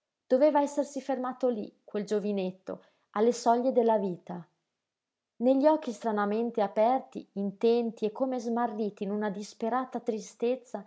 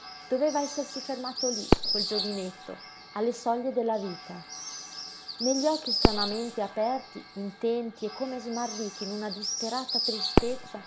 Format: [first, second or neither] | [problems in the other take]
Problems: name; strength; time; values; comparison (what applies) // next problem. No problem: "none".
first | background sound (Bird + Fireworks); as loud as the speech